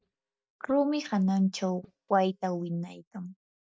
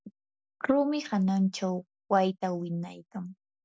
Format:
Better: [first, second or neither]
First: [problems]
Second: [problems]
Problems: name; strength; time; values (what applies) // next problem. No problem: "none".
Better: second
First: noise reduction (neural mask model DeepFilterNet 3)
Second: none